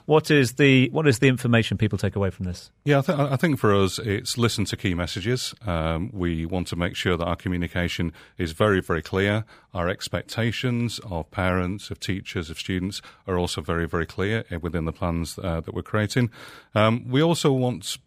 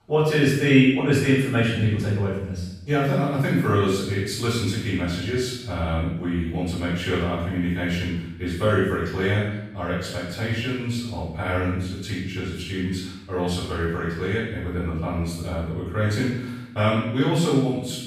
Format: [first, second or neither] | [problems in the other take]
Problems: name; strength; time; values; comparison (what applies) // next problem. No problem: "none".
first | off-mic speech; far // room echo; strong; dies away in 0.8 s